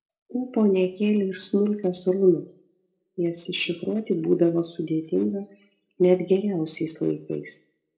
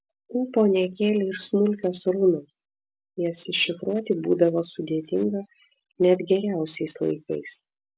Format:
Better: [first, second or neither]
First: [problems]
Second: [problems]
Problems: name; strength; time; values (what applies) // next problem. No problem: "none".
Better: second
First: room echo; dies away in 0.3 s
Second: none